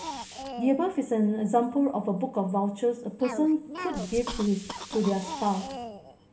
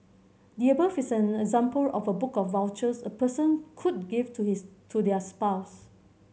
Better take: second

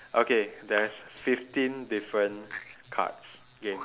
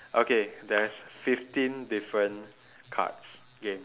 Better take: second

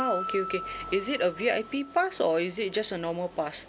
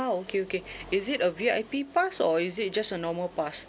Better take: second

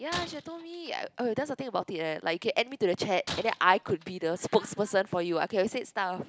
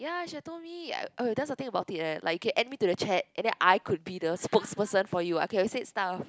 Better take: second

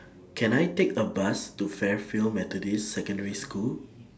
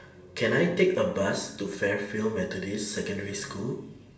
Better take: first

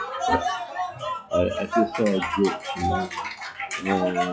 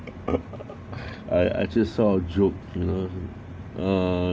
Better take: second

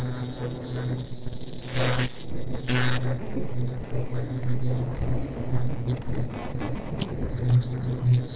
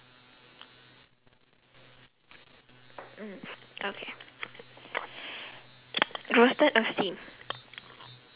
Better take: second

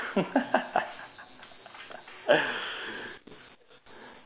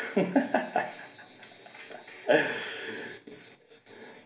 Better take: first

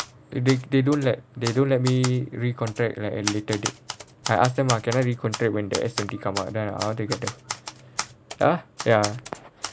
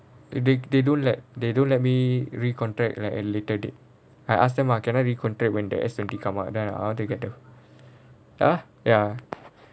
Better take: second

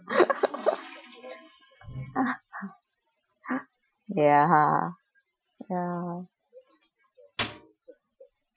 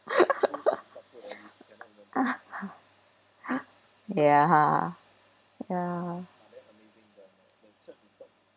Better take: second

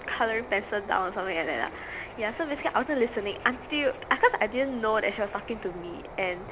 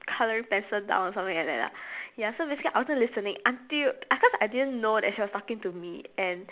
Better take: second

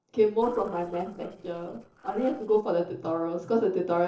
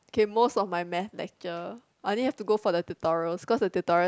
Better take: second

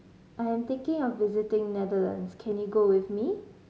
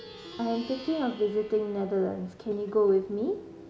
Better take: first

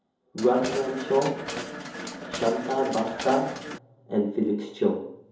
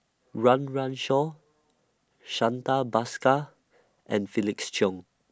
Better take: second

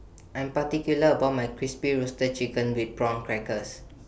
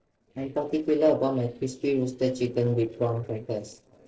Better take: first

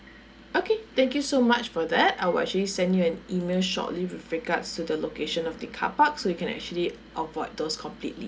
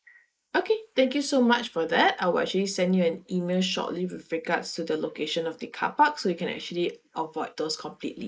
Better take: first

